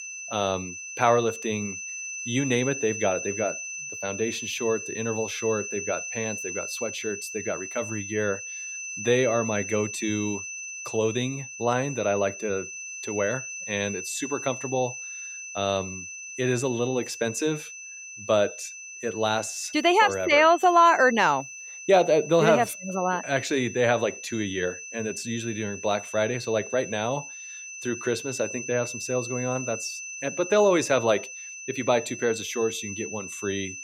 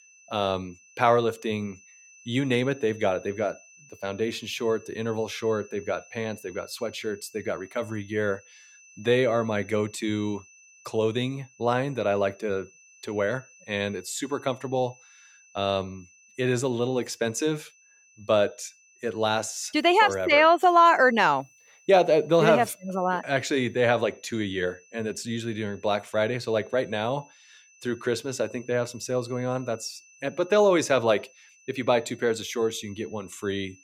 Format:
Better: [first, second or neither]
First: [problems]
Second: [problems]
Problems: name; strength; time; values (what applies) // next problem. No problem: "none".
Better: second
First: high-pitched whine; loud; throughout; 2.5 kHz, 9 dB below the speech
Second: high-pitched whine; faint; throughout; 2.5 kHz, 25 dB below the speech